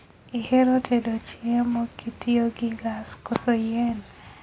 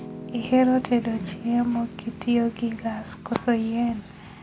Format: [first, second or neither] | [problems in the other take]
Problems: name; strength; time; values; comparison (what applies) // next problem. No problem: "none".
first | background sound (Piano + Whoosh, swoosh, swish); 14 dB below the speech